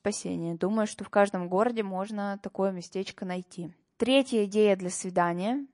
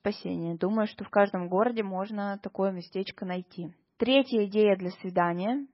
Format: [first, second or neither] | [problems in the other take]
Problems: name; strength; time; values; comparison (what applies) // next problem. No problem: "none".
first | garbled, watery; badly; nothing above 5.5 kHz; slightly in the first